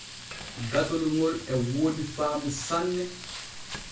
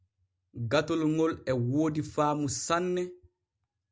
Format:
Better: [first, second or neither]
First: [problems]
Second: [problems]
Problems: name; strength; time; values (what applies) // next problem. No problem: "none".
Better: second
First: background sound (Frying (food)); 11 dB below the speech // room echo; dies away in 0.3 s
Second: none